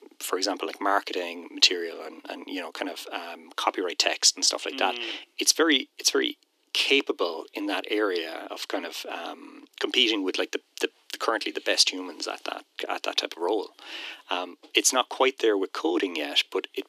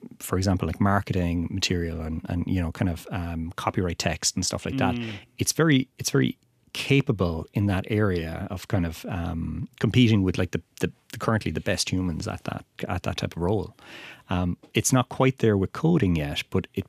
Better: second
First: thin; very; fading below 300 Hz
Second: none

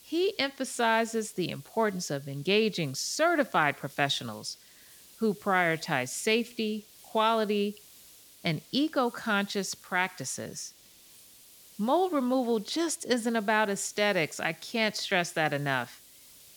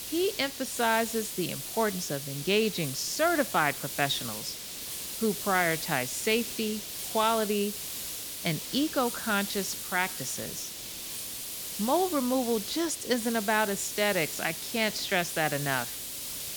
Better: first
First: hiss; faint; throughout; 25 dB below the speech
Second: hiss; loud; throughout; 5 dB below the speech

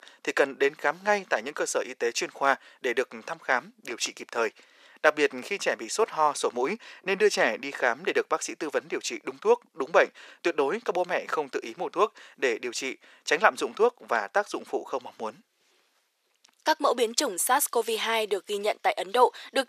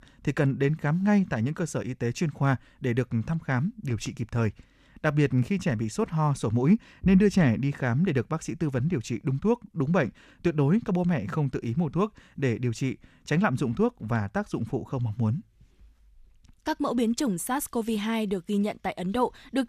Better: second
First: thin; very; fading below 450 Hz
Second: none

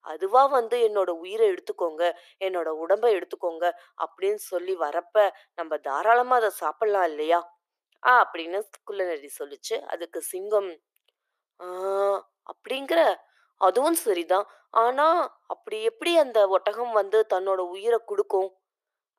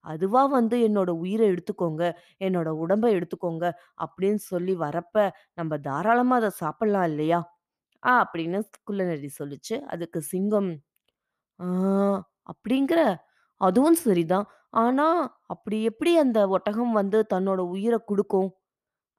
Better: second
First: thin; very; fading below 400 Hz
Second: none

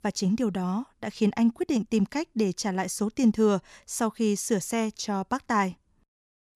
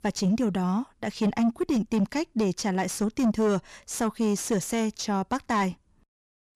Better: first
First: none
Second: distortion; slight; 10 dB below the speech

